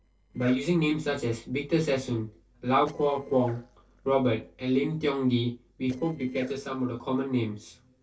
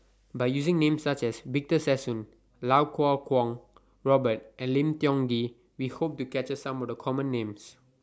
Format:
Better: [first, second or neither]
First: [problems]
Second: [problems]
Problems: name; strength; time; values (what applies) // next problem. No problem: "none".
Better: second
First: noise reduction (neural separator model SepFormer DNS4)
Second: none